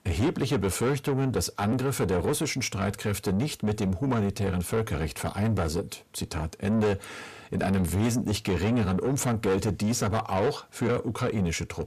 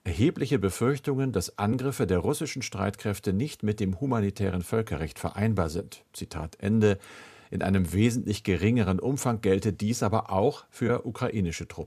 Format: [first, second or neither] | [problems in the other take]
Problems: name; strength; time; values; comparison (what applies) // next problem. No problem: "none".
second | distortion; heavy; 7 dB below the speech